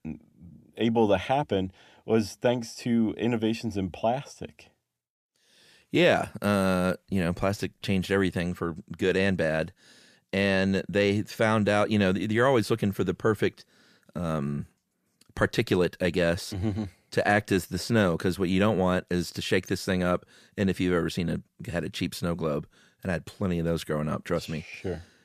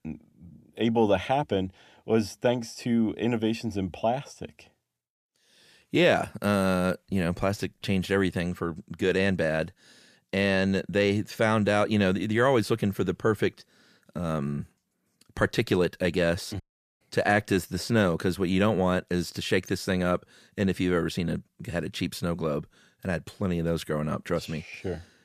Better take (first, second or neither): first